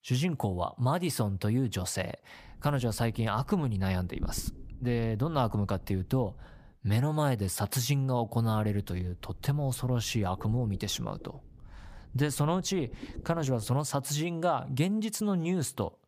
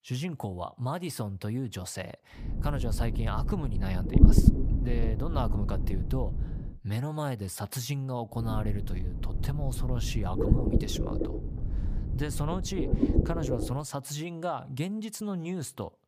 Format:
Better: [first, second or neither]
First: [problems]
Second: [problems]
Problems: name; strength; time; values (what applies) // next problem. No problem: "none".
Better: first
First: low rumble; faint; from 2.5 to 6.5 s and from 8.5 to 14 s; 25 dB below the speech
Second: low rumble; loud; from 2.5 to 6.5 s and from 8.5 to 14 s; 1 dB below the speech